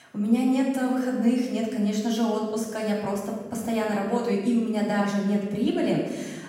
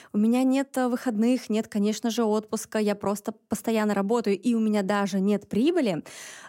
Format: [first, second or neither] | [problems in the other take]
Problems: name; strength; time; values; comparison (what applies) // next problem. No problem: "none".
second | off-mic speech; far // room echo; noticeable; dies away in 1.2 s